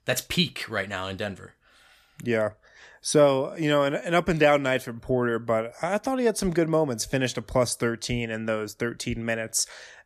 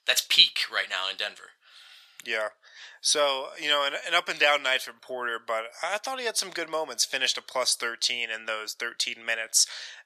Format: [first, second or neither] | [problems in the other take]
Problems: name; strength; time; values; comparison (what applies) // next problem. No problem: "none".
first | thin; very; fading below 900 Hz